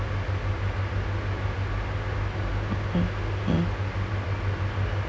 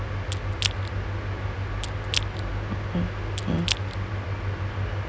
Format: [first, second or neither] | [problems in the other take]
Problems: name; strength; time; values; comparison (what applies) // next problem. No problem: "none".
first | background sound (Crack / Crushing); 8 dB below the speech